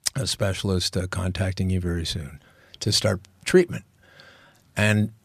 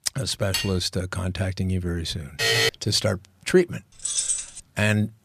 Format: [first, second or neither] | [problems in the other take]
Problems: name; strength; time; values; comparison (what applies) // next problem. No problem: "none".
first | clattering dishes; noticeable; at 0.5 s; peak 3 dB below the speech // alarm; loud; at 2.5 s; peak 5 dB above the speech // jangling keys; loud; at 4 s; peak 2 dB above the speech